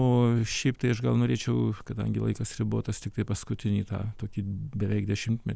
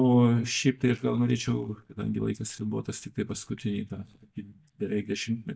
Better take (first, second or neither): first